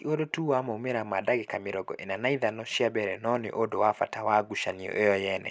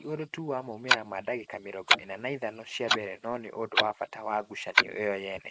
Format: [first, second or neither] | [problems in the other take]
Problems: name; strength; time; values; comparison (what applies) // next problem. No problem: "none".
first | noise reduction (neural mask model Resemble Enhance denoiser)